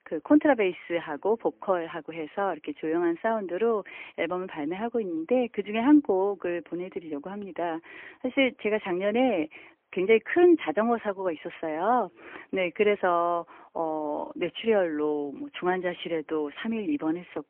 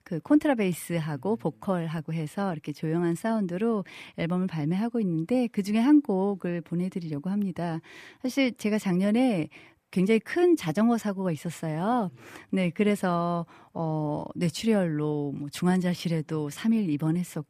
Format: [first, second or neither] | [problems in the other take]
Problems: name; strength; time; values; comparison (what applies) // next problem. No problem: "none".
second | phone-call audio; poor line; nothing above 3 kHz